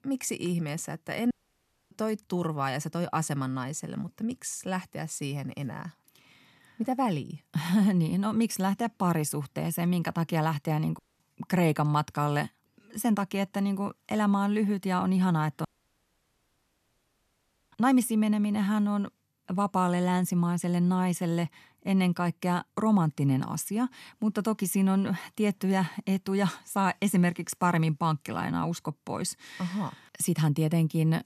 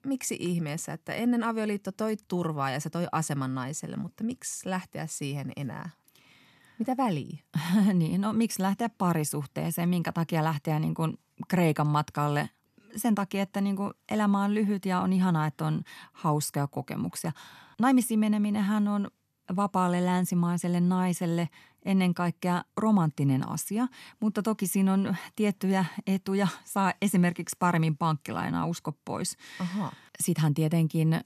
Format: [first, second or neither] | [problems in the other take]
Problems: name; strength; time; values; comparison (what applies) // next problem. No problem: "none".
second | audio cutting out; at 1.5 s for 0.5 s, at 11 s and at 16 s for 2 s